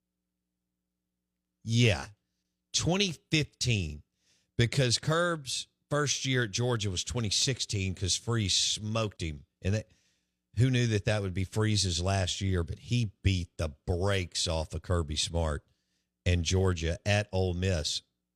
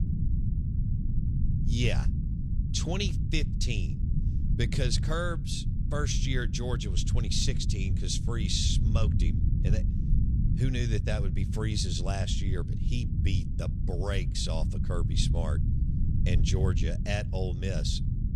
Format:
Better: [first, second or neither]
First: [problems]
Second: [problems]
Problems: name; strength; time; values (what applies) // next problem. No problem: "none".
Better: first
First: none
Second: low rumble; loud; throughout; 8 dB below the speech